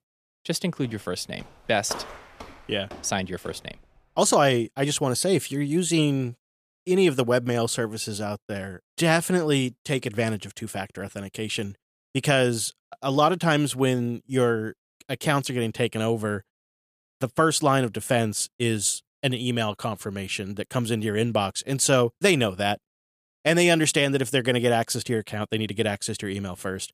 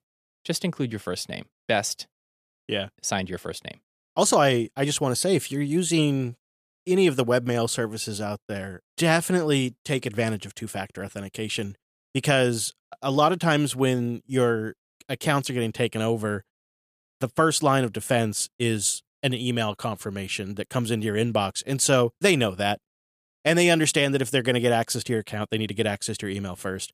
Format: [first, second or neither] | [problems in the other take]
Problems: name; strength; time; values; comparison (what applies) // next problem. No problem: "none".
second | footsteps; faint; from 1 to 3.5 s; peak 10 dB below the speech